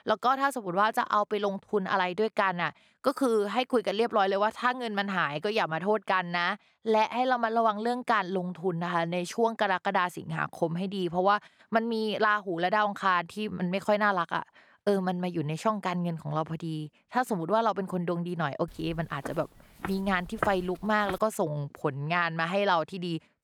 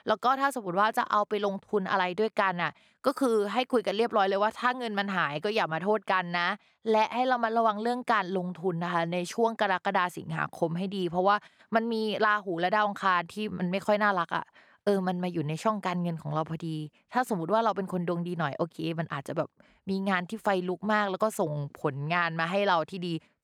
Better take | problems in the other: second | footsteps; noticeable; from 19 to 21 s; peak 6 dB below the speech

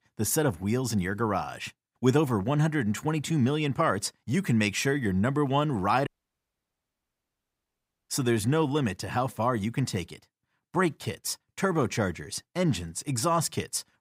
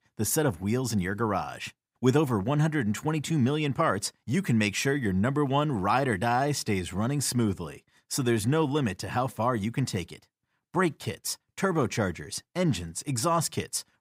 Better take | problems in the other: second | audio cutting out; at 6 s for 2 s

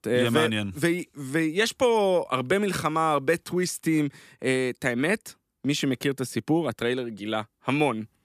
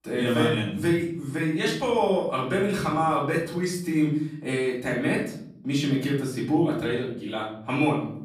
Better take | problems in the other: first | room echo; noticeable; dies away in 0.9 s // off-mic speech; far

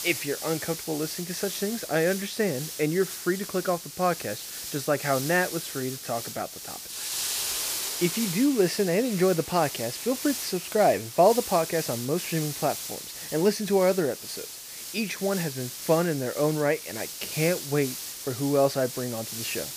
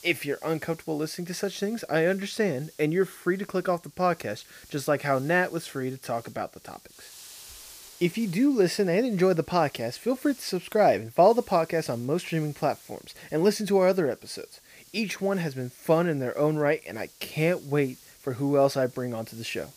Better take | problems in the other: second | hiss; loud; throughout; 6 dB below the speech; faint in the second

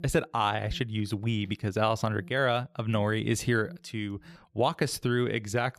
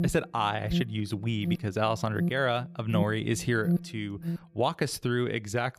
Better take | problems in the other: first | alarms or sirens; loud; until 4.5 s; 4 dB below the speech; faint in the first

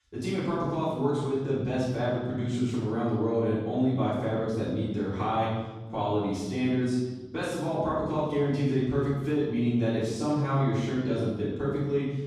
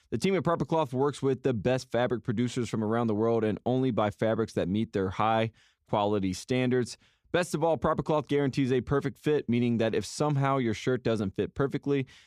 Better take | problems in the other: second | off-mic speech; far // room echo; strong; dies away in 1.2 s

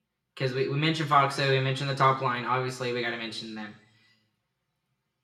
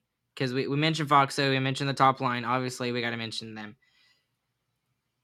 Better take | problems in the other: second | room echo; slight; dies away in 0.7 s

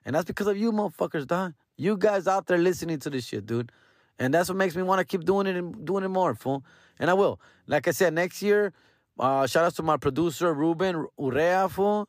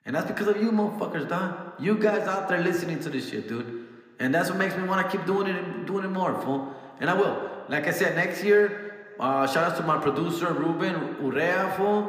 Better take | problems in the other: first | room echo; slight; dies away in 1.5 s

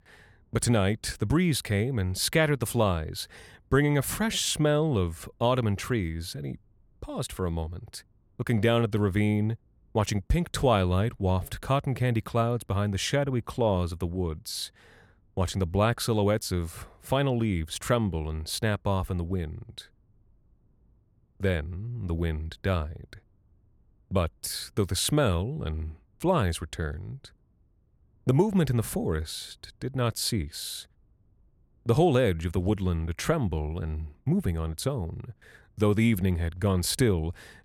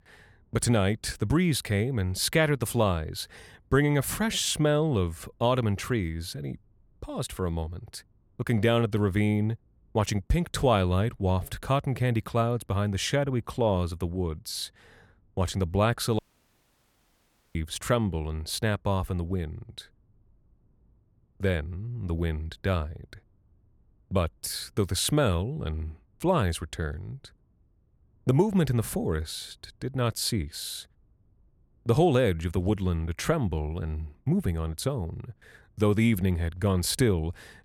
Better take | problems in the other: first | audio cutting out; at 16 s for 1.5 s

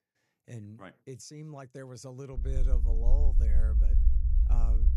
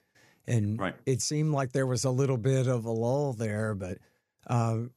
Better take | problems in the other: second | low rumble; loud; from 2.5 s on; 4 dB below the speech

